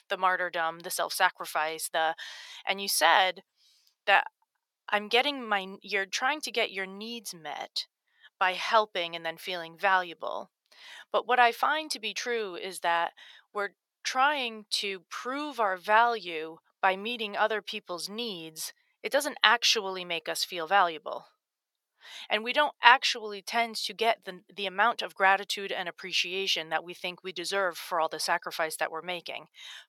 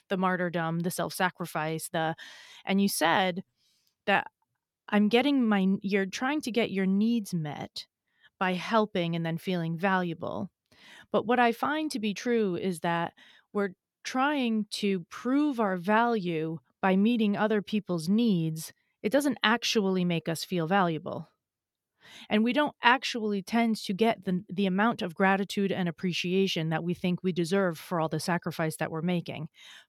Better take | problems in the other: second | thin; very; fading below 750 Hz

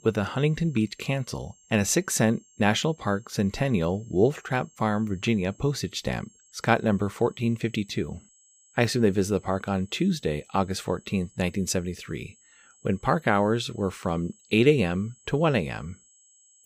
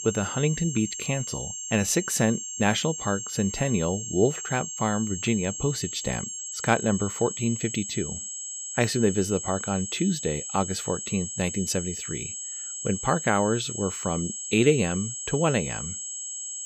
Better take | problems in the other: first | high-pitched whine; loud; throughout; 7.5 kHz, 5 dB below the speech; faint in the first

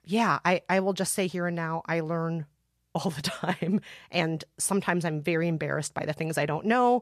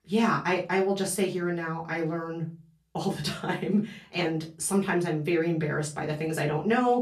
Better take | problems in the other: first | off-mic speech; far // room echo; very slight; dies away in 0.3 s

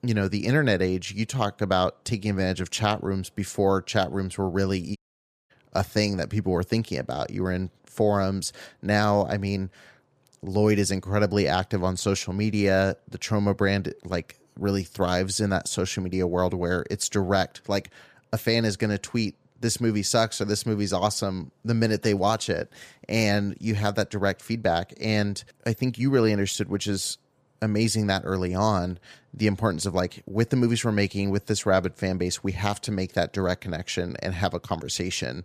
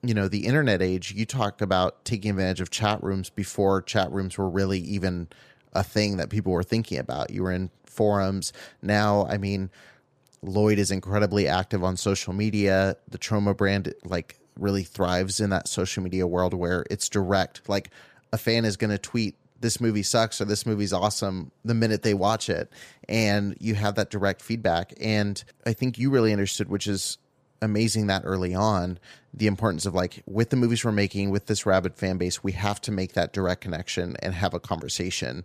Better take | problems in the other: second | audio cutting out; at 5 s for 0.5 s

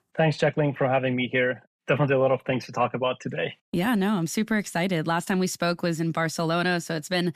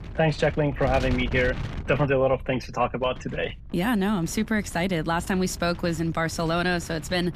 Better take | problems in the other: first | wind noise on the microphone; occasional gusts; 15 dB below the speech

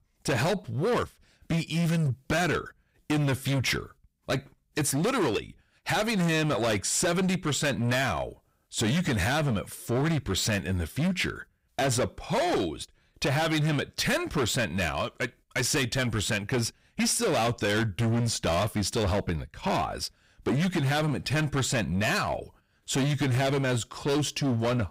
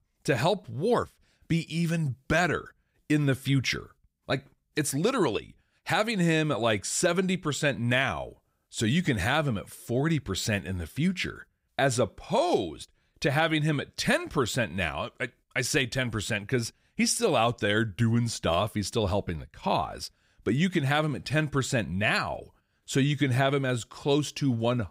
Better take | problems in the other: second | distortion; heavy; 20% of the sound clipped

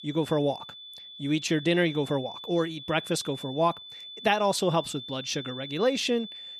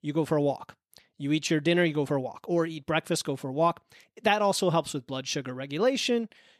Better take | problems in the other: second | high-pitched whine; noticeable; throughout; 3.5 kHz, 10 dB below the speech

